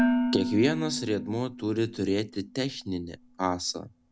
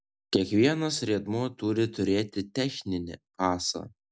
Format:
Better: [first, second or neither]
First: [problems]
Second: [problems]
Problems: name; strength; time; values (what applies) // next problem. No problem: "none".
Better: second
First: background sound (Dishes, pots, and pans); 3 dB below the speech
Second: none